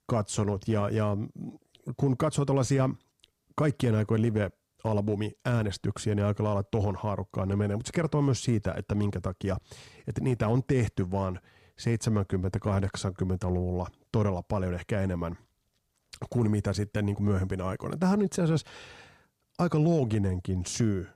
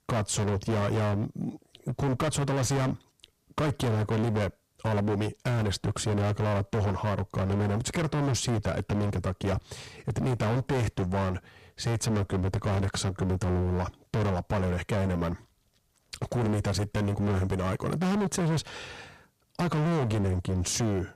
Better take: first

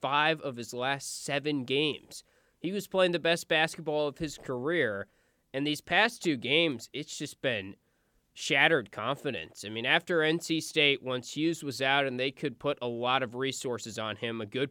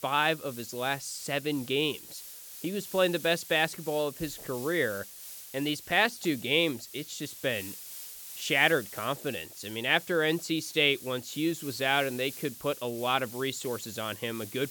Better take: first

